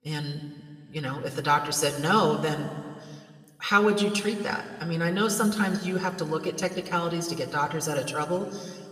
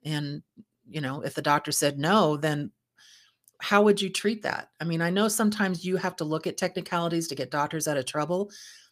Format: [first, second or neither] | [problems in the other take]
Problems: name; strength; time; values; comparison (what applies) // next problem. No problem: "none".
second | room echo; slight; dies away in 1.6 s